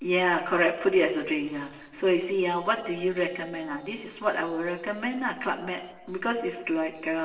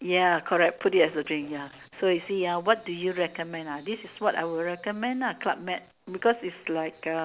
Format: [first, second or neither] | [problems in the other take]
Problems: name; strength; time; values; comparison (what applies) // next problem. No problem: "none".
second | noise reduction (neural separator model SepFormer DNS4)